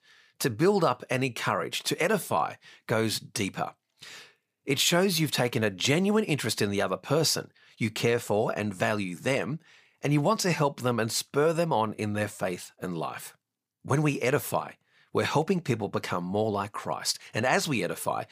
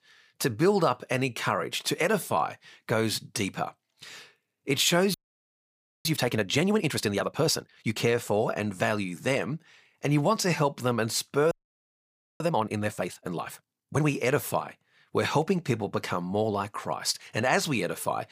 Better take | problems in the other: first | audio freezing; at 5 s for 1 s and at 12 s for 1 s

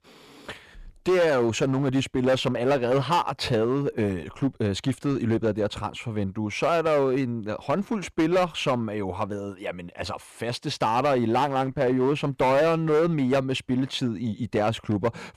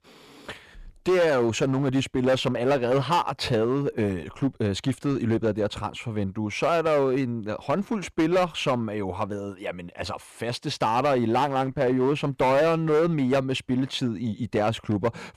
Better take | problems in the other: neither | distortion; slight; 9% of the sound clipped; the same in both

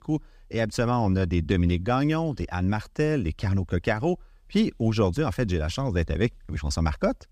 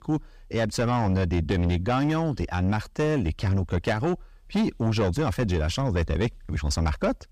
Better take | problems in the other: first | distortion; slight; 10 dB below the speech

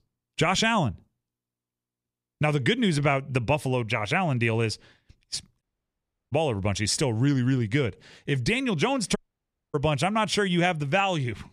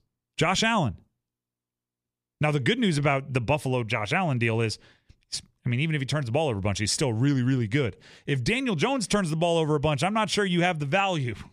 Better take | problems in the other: second | audio cutting out; at 5.5 s for 0.5 s and at 9 s for 0.5 s

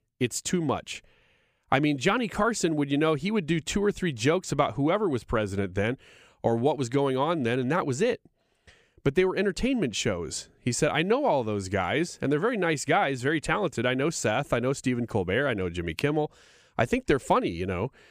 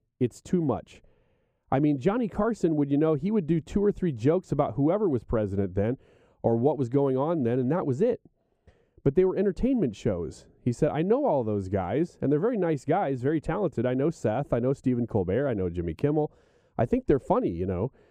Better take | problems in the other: first | muffled; very; fading above 1 kHz

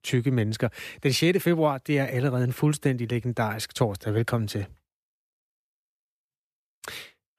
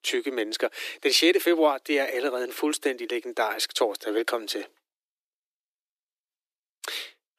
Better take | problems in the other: first | thin; very; fading below 300 Hz

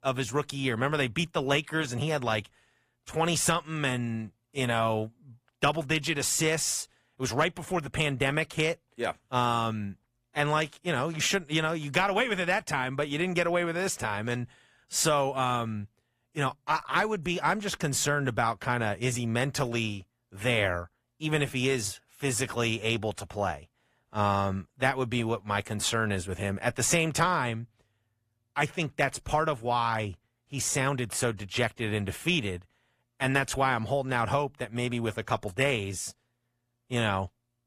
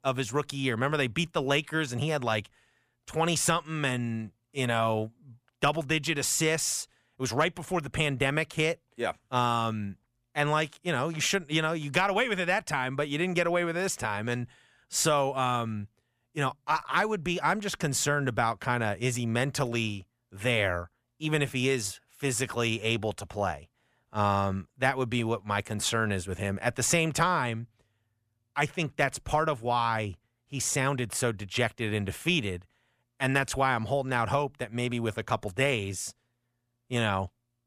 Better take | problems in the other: second | garbled, watery; slightly; nothing above 15 kHz

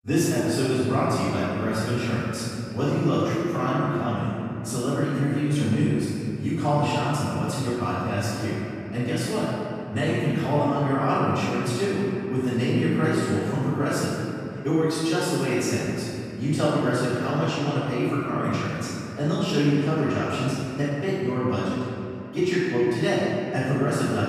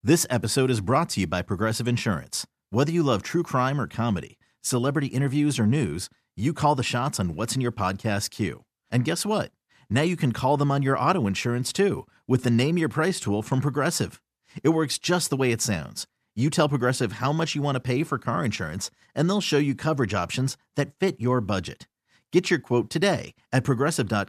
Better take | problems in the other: second | off-mic speech; far // room echo; strong; dies away in 2.7 s

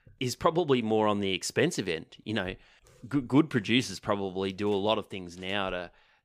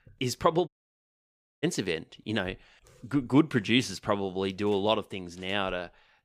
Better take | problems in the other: first | audio cutting out; at 0.5 s for 1 s

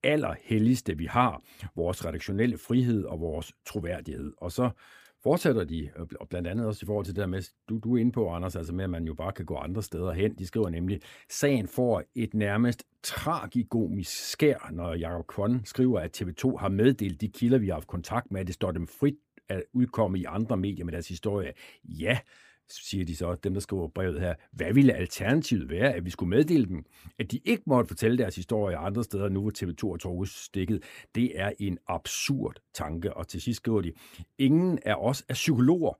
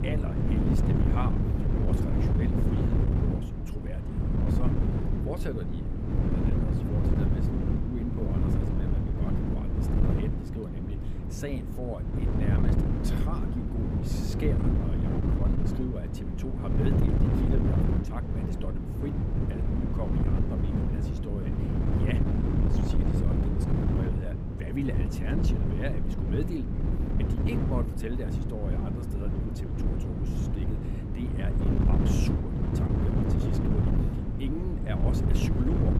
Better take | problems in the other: first | wind noise on the microphone; heavy; 4 dB above the speech

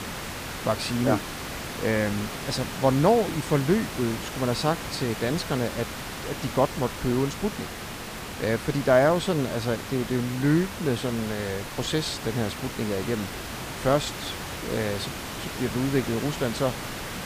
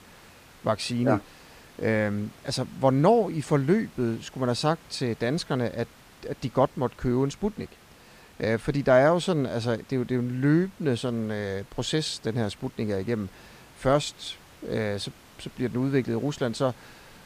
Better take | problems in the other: second | hiss; loud; throughout; 7 dB below the speech; faint in the second

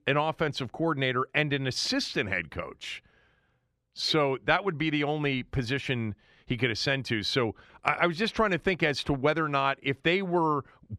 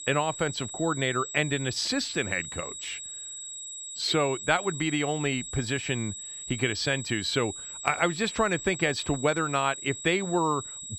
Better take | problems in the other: first | high-pitched whine; loud; throughout; 8 kHz, 9 dB below the speech

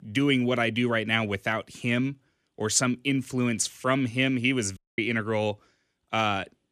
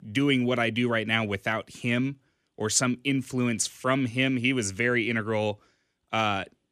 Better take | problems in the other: second | audio cutting out; at 5 s

